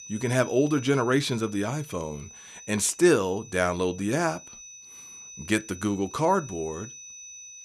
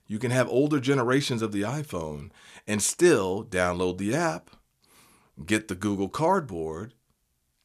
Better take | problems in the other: second | high-pitched whine; noticeable; throughout; 6 kHz, 15 dB below the speech

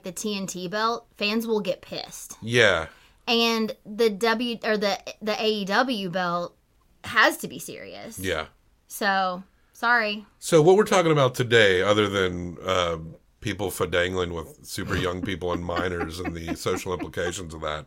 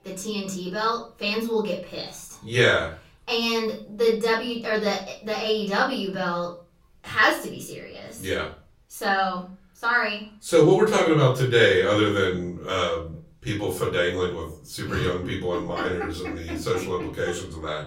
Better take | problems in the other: first | off-mic speech; far // room echo; slight; dies away in 0.3 s

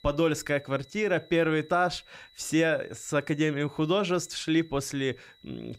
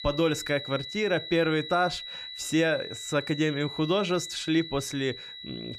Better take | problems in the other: first | high-pitched whine; loud; throughout; 4 kHz, 10 dB below the speech; faint in the first

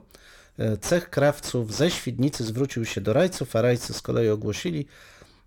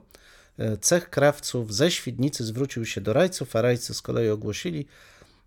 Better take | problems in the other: second | distortion; slight; 10 dB below the speech

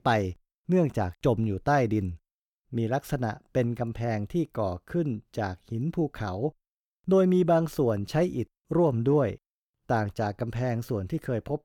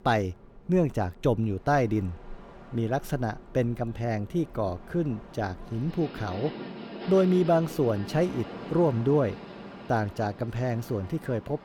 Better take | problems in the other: first | train or aircraft noise; noticeable; throughout; 15 dB below the speech

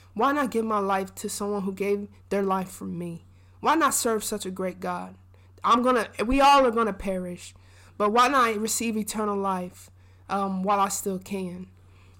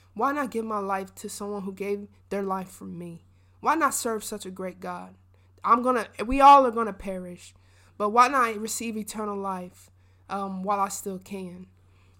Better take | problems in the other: second | distortion; heavy; 7 dB below the speech

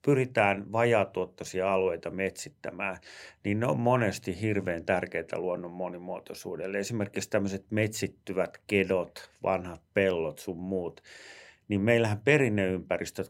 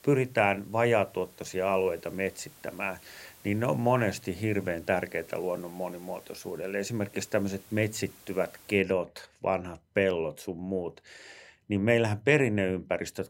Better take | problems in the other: first | hiss; faint; until 9 s; 25 dB below the speech

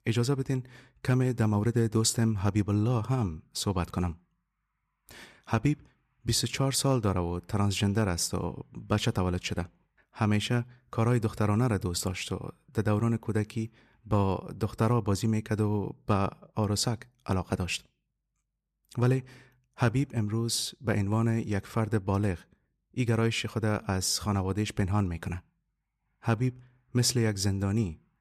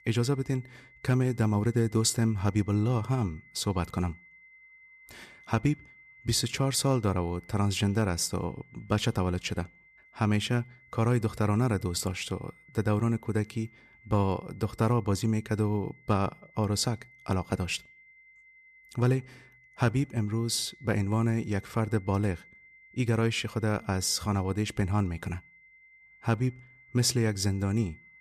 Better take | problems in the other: first | high-pitched whine; faint; throughout; 2 kHz, 25 dB below the speech

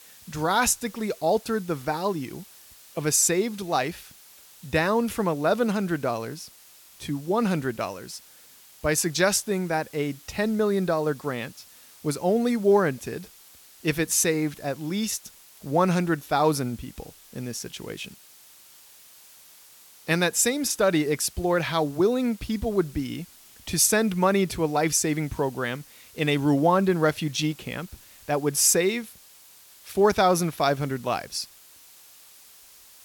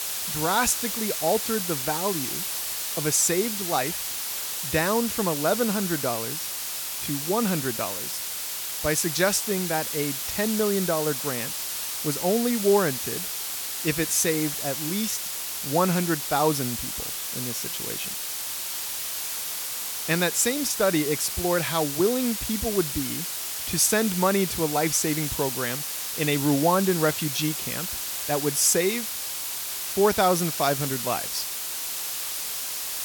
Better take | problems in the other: first | hiss; loud; throughout; 3 dB below the speech; faint in the first

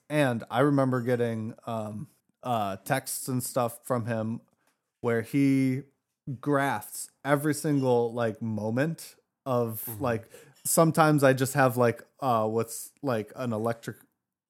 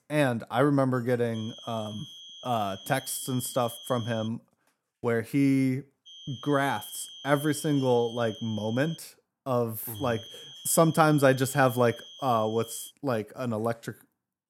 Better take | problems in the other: first | high-pitched whine; noticeable; from 1.5 to 4.5 s, from 6 to 9 s and from 10 to 13 s; 3.5 kHz, 15 dB below the speech

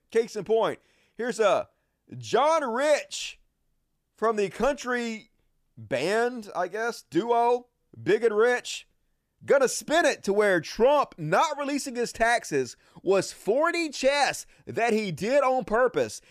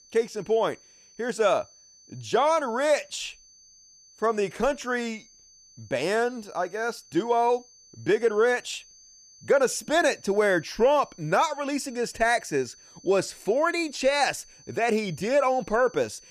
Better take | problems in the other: first | high-pitched whine; faint; throughout; 6 kHz, 25 dB below the speech

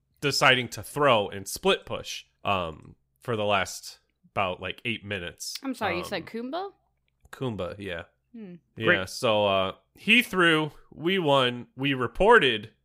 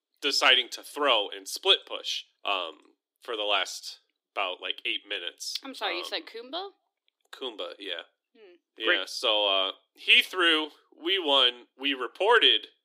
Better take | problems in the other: first | thin; somewhat; fading below 300 Hz

